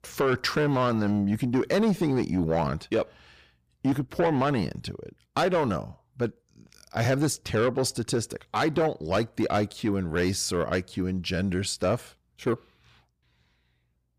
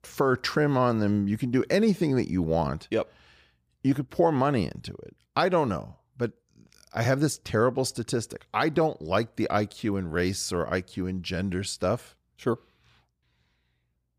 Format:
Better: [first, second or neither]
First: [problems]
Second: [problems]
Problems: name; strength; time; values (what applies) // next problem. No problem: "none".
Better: second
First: distortion; slight; 10 dB below the speech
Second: none